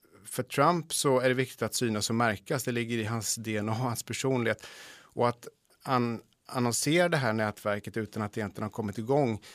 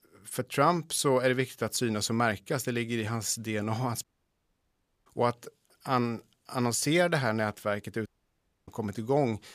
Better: first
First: none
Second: audio cutting out; at 4 s for 1 s and at 8 s for 0.5 s

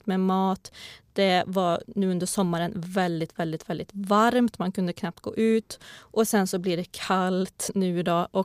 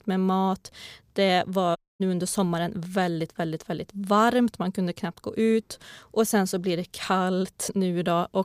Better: first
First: none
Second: audio cutting out; at 2 s

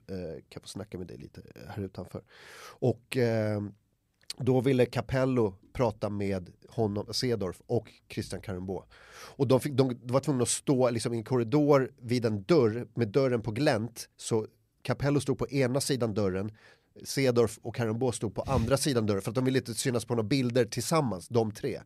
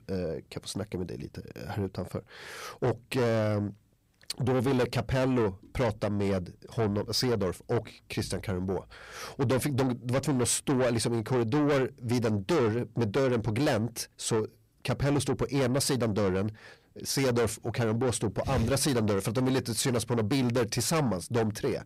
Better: first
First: none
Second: distortion; heavy; 7 dB below the speech

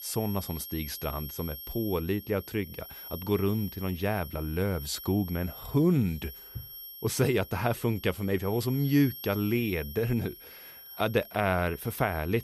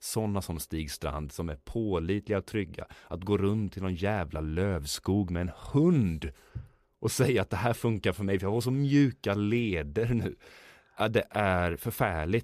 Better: second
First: high-pitched whine; noticeable; throughout; 11.5 kHz, 10 dB below the speech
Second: none

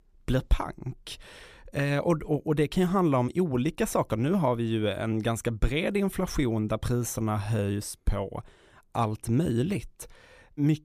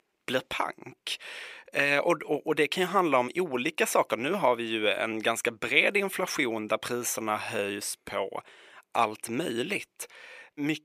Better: first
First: none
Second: thin; somewhat; fading below 450 Hz

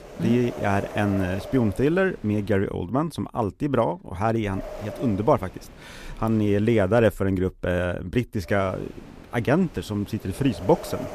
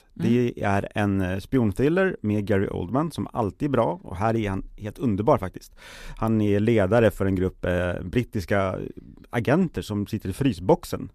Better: second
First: wind noise on the microphone; occasional gusts; until 2.5 s, from 4.5 to 7 s and from 8.5 s on; 15 dB below the speech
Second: none

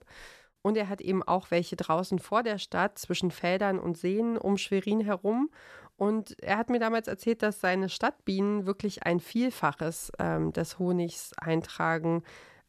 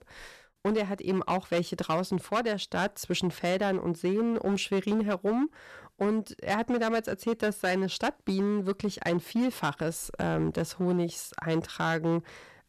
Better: first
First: none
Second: distortion; slight; 9% of the sound clipped

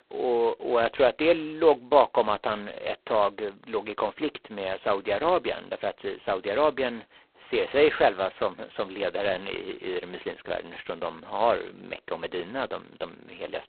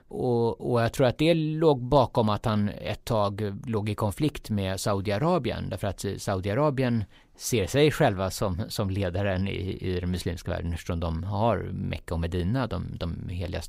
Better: second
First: phone-call audio; poor line; nothing above 4 kHz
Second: none

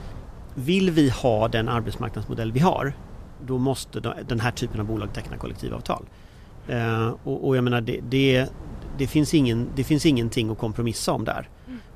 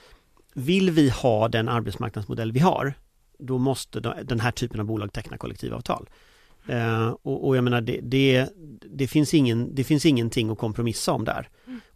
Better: second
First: wind noise on the microphone; occasional gusts; 25 dB below the speech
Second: none

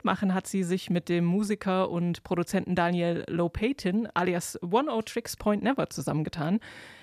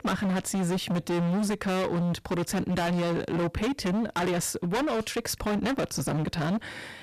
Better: first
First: none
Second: distortion; heavy; 32% of the sound clipped

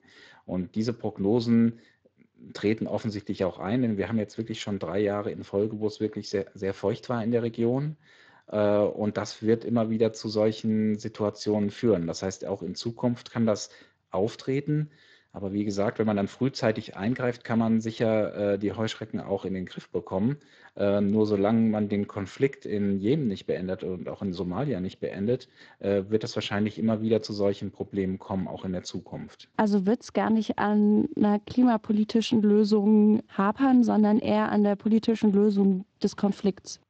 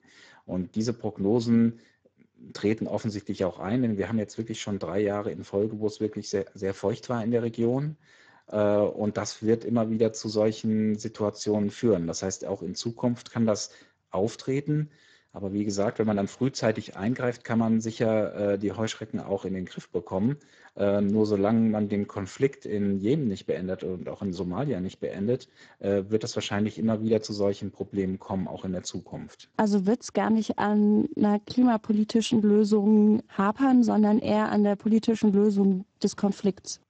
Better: first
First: garbled, watery; slightly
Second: garbled, watery; badly; nothing above 7.5 kHz

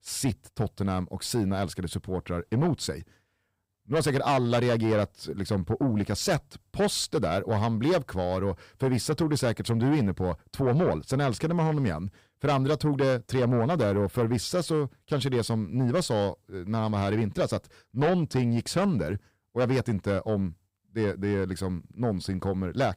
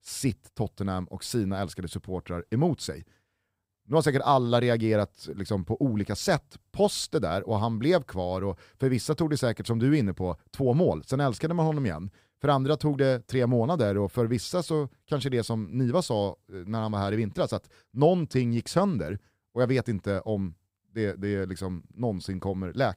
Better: second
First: distortion; slight; 10 dB below the speech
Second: none

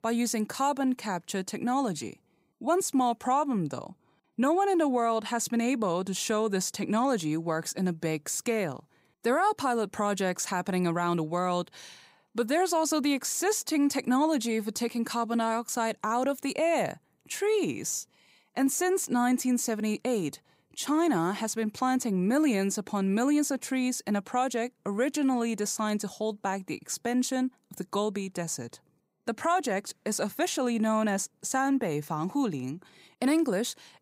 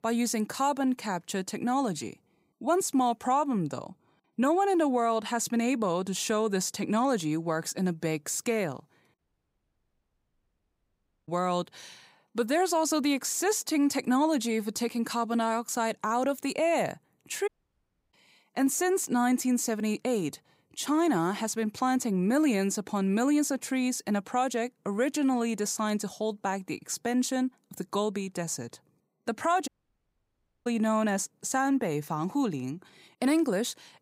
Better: first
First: none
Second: audio cutting out; at 9 s for 2 s, at 17 s for 0.5 s and at 30 s for 1 s

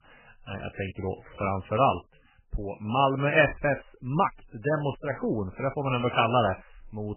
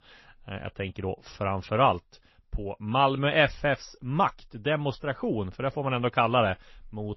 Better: second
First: garbled, watery; badly; nothing above 3 kHz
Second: garbled, watery; slightly; nothing above 6 kHz

